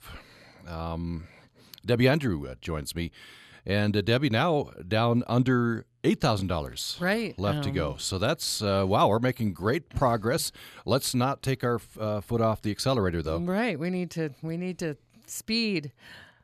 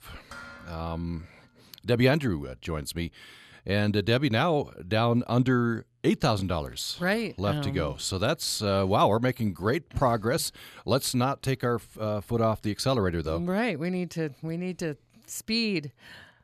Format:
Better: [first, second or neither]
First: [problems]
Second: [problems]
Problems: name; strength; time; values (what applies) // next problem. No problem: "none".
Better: first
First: none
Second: clattering dishes; faint; at 0.5 s; peak 15 dB below the speech